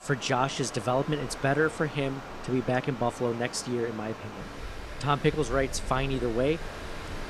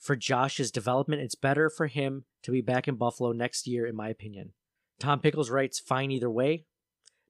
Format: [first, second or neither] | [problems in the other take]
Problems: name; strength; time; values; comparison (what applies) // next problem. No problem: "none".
second | rain or running water; noticeable; throughout; 10 dB below the speech